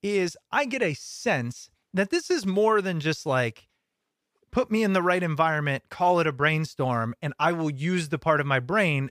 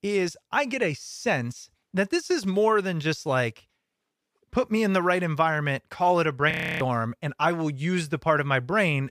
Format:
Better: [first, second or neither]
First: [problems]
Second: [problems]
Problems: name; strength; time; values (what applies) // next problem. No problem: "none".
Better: first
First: none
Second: audio freezing; at 6.5 s